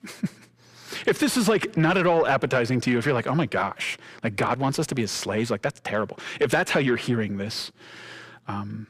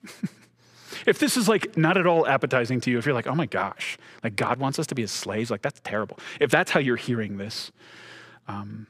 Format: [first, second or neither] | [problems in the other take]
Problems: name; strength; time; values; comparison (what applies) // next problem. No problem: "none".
second | distortion; slight; 10 dB below the speech